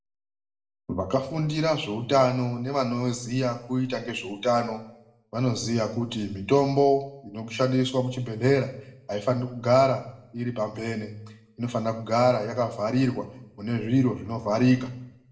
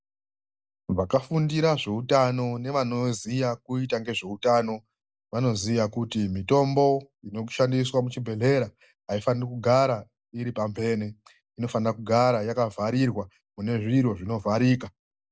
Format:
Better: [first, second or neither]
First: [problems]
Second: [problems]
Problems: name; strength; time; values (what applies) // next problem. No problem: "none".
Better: second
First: room echo; dies away in 0.5 s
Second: none